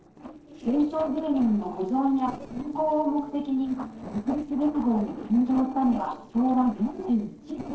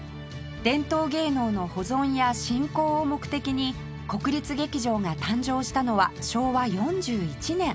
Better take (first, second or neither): second